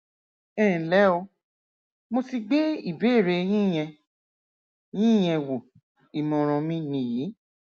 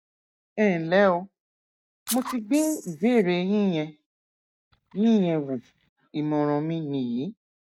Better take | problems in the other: first | noise reduction (neural mask model DeepFilterNet 3)

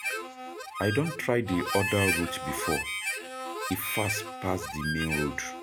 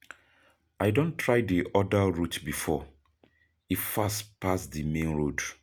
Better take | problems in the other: second | background sound (Harmonica); 3 dB below the speech

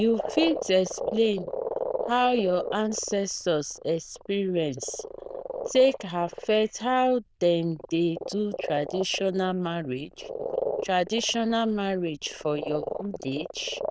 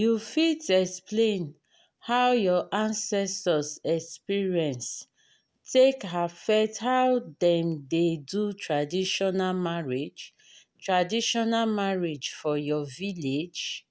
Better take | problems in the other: second | noise reduction (neural diffusion model UNIVERSE++)

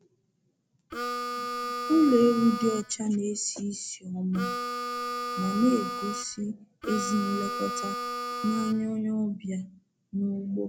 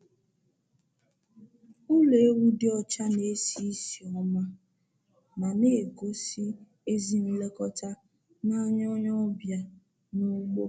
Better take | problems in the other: second | background sound (Harmonica); 4 dB below the speech

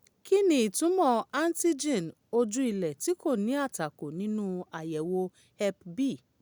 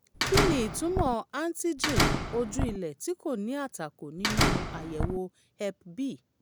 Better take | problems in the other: first | background sound (Slam); 4 dB above the speech

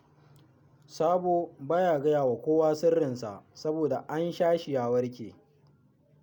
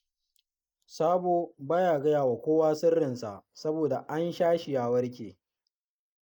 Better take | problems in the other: first | noise reduction (neural mask model Resemble Enhance denoiser)

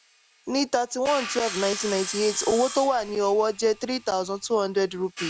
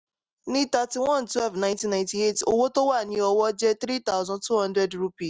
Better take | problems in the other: second | background sound (Hi-hat + Sawing); 12 dB below the speech

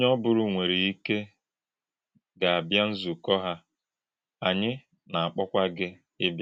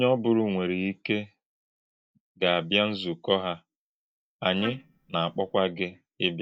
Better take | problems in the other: first | noise reduction (neural mask model DeepFilterNet 3)

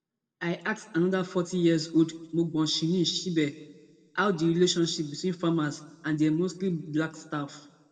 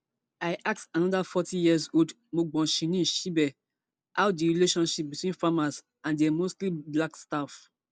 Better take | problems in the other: second | room echo; dies away in 1 s

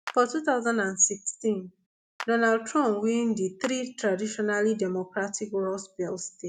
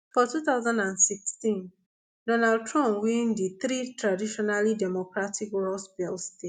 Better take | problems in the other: second | background sound (Clapping); 19 dB below the speech

